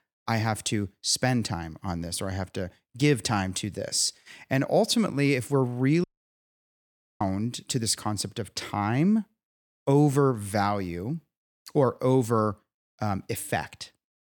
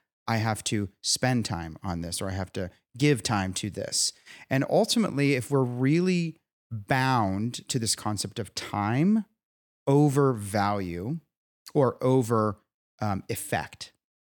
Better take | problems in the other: second | audio cutting out; at 6 s for 1 s

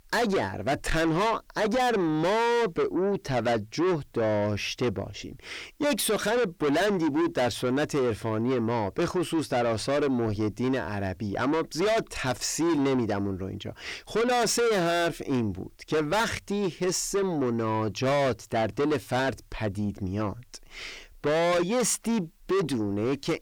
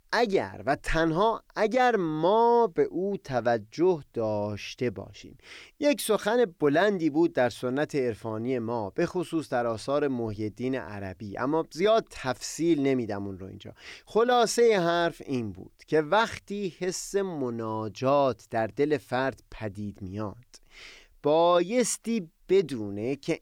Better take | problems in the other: second | distortion; heavy; 6 dB below the speech

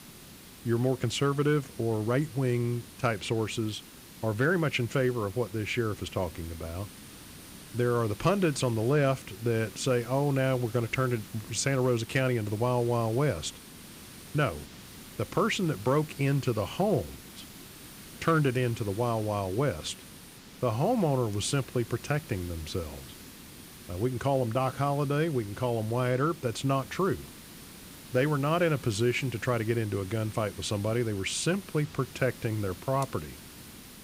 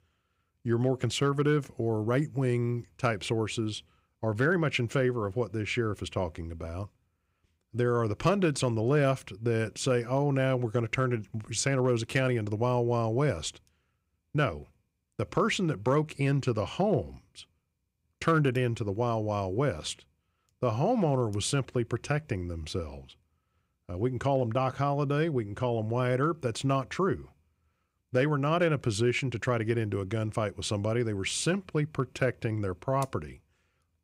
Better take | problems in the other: second | hiss; noticeable; throughout; 15 dB below the speech

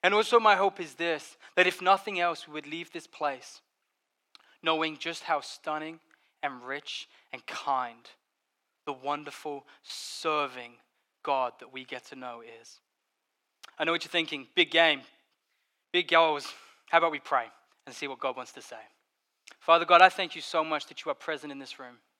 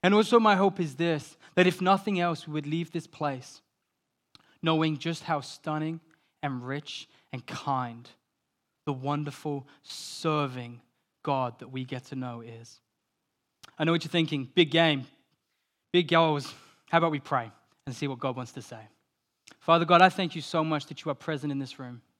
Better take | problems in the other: second | thin; very; fading below 550 Hz

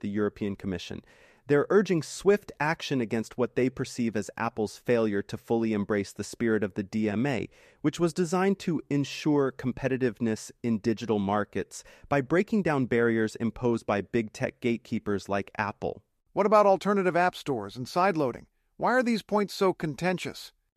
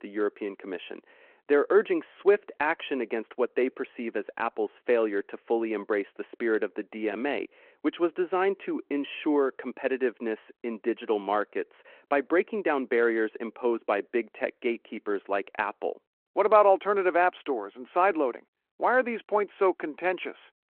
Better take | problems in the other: first | phone-call audio

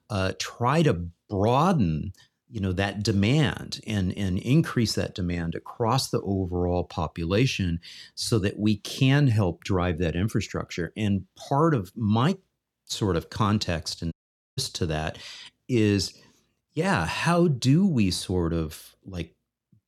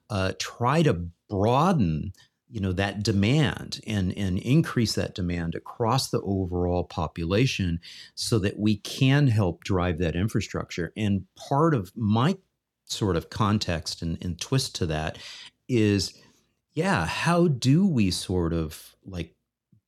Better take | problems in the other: second | audio cutting out; at 14 s

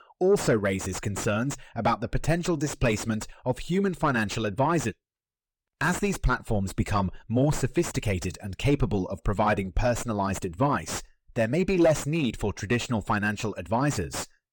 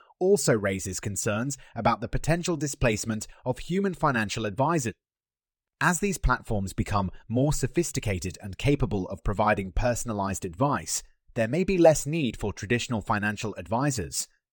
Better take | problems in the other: second | distortion; slight; 10 dB below the speech

